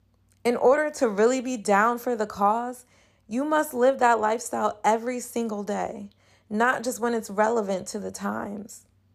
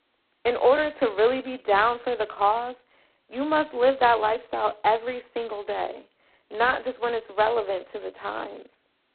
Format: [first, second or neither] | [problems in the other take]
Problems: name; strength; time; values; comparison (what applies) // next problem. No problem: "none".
first | phone-call audio; poor line; nothing above 4 kHz